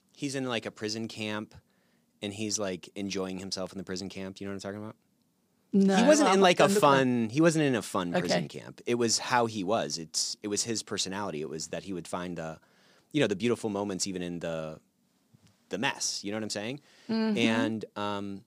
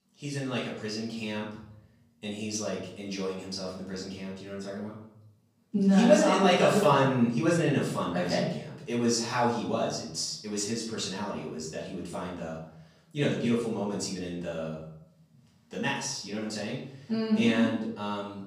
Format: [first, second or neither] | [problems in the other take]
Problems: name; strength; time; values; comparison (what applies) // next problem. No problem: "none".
first | off-mic speech; far // room echo; noticeable; dies away in 0.8 s